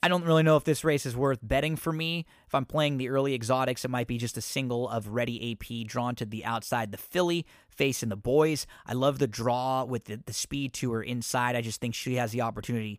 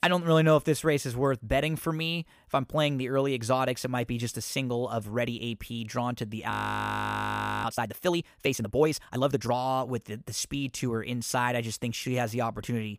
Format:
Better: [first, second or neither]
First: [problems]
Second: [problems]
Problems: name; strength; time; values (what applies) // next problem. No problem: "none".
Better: first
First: none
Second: audio freezing; at 6.5 s for 1 s